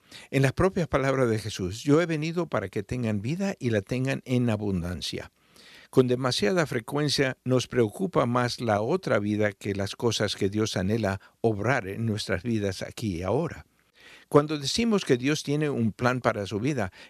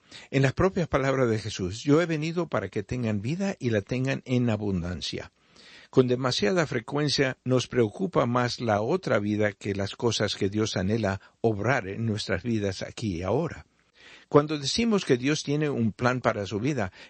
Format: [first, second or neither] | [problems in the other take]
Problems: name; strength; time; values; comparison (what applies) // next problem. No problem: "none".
first | garbled, watery; slightly; nothing above 8 kHz